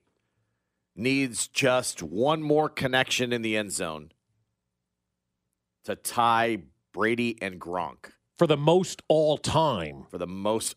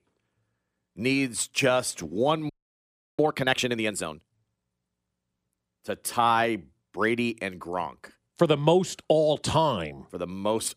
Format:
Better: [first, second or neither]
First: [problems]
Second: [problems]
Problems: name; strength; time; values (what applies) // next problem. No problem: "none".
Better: first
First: none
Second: audio freezing; at 2.5 s for 0.5 s